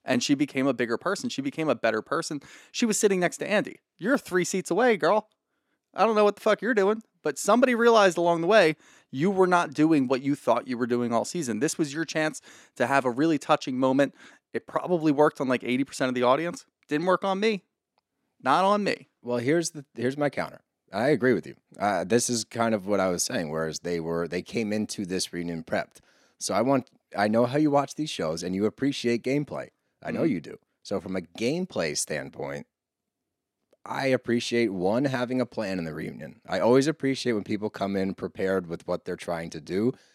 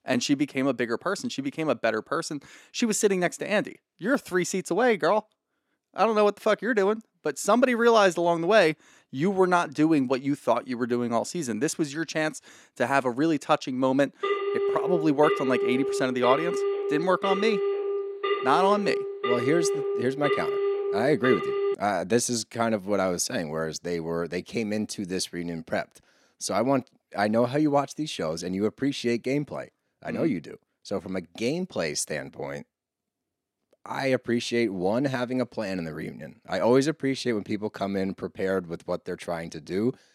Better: first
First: none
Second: phone ringing; noticeable; from 14 to 22 s; peak level with the speech

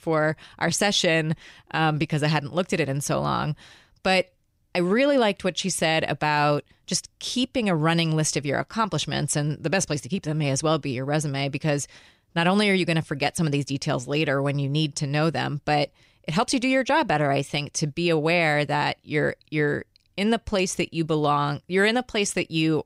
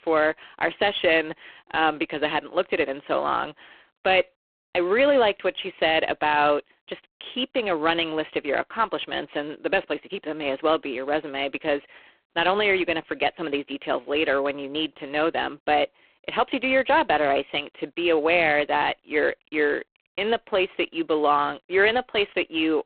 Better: first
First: none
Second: phone-call audio; poor line

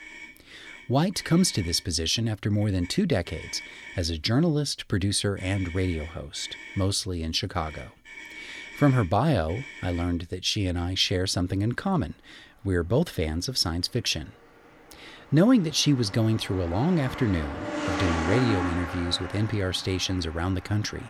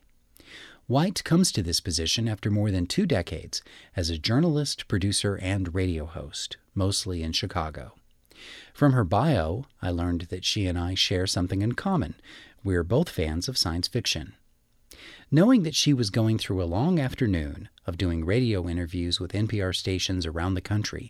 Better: second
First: traffic noise; noticeable; throughout; 10 dB below the speech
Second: none

